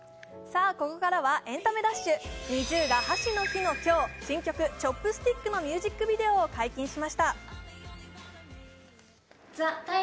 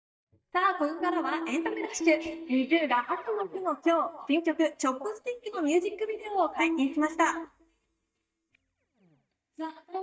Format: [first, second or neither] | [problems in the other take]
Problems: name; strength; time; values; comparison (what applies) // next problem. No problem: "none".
first | noise reduction (neural mask model DeepFilterNet 3)